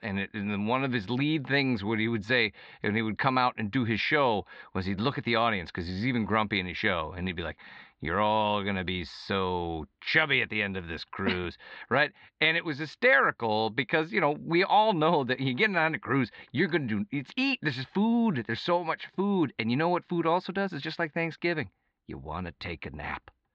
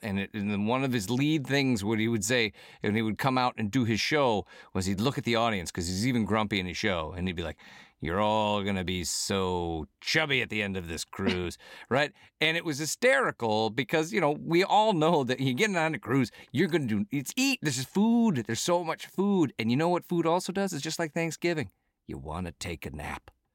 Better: second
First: muffled; slightly; fading above 4 kHz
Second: none

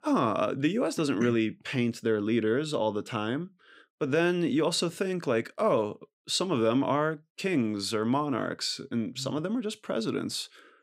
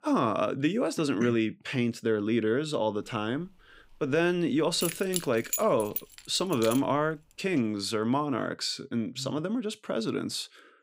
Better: first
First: none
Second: jangling keys; noticeable; from 5 to 7 s; peak 3 dB below the speech

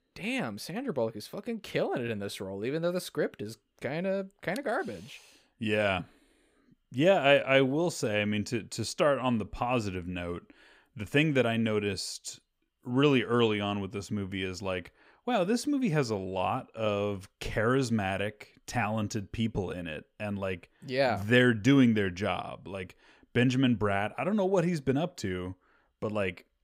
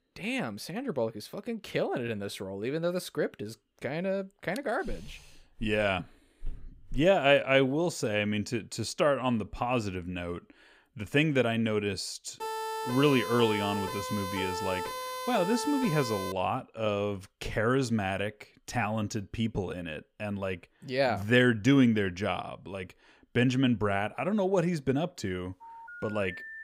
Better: first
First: none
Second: footsteps; faint; from 5 to 7 s; peak 20 dB below the speech // siren; noticeable; from 12 to 16 s; peak 5 dB below the speech // phone ringing; faint; from 26 s on; peak 10 dB below the speech

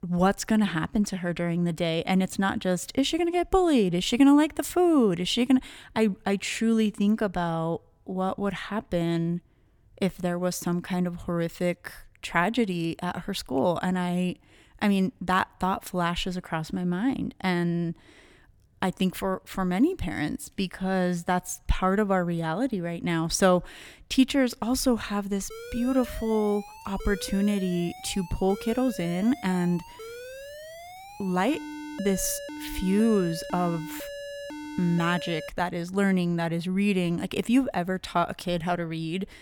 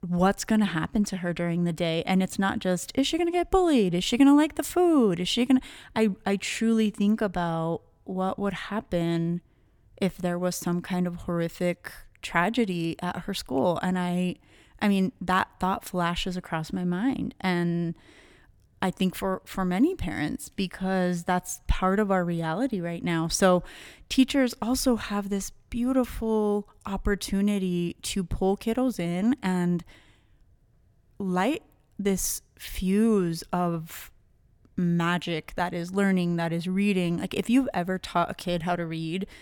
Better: second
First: alarm; faint; from 26 to 35 s; peak 10 dB below the speech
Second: none

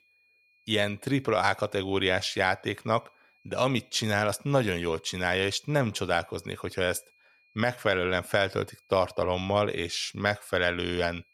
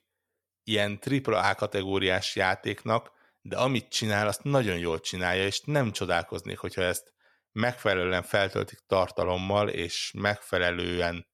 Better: second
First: high-pitched whine; faint; throughout; 2.5 kHz, 35 dB below the speech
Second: none

